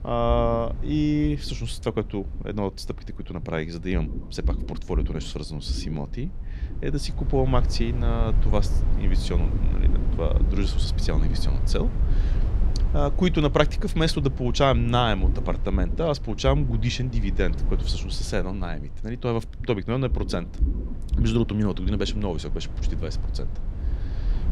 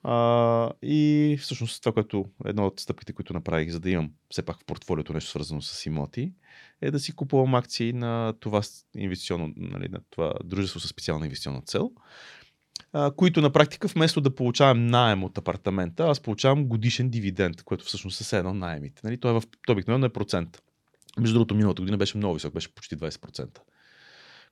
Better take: second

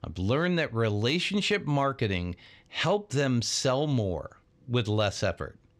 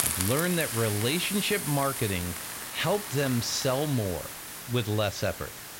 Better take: first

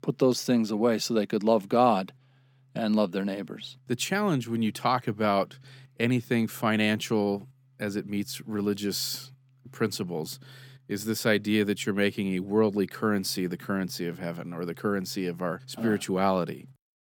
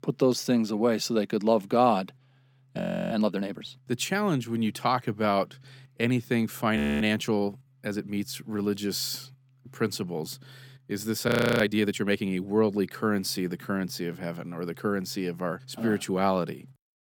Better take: first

